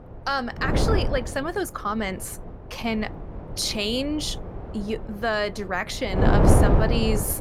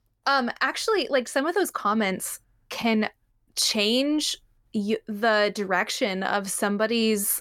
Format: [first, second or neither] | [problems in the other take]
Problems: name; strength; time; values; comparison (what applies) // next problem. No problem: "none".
second | wind noise on the microphone; heavy; as loud as the speech